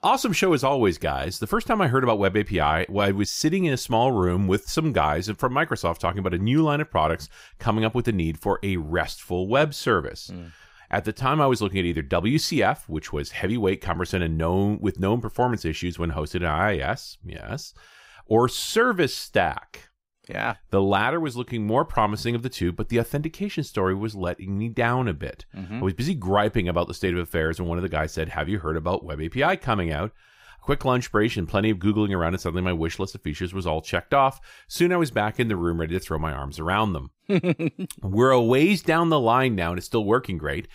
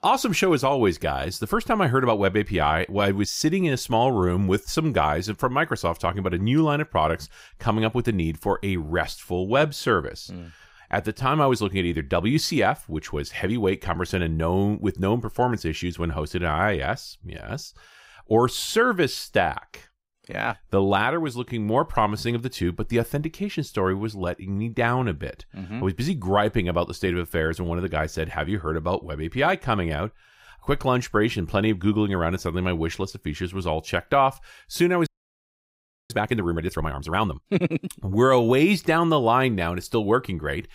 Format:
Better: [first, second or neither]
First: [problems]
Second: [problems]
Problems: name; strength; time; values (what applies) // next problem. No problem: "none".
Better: first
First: none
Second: audio freezing; at 35 s for 1 s